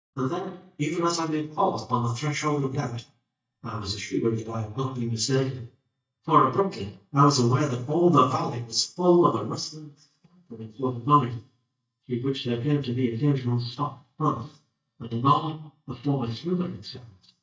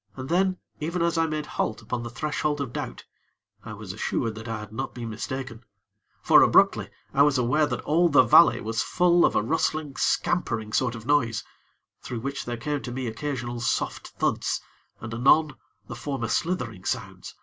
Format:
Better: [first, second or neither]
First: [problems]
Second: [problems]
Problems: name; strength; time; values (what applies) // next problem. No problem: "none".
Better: second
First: noise reduction (neural mask model DeepFilterNet 3)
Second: none